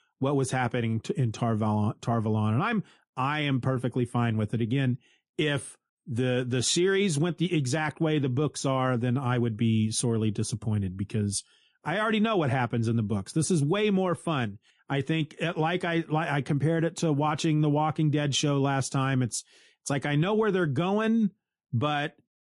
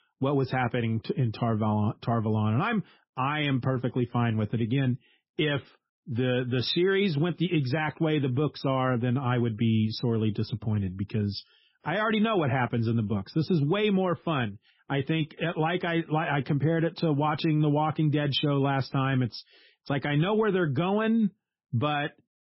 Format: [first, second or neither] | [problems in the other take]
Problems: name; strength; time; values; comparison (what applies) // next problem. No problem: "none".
first | garbled, watery; badly; nothing above 5.5 kHz; slightly in the first